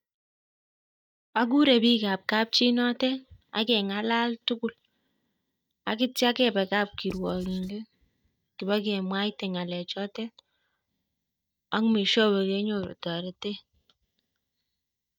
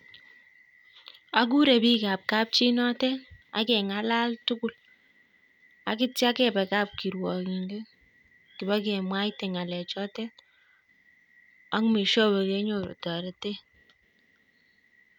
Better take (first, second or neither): second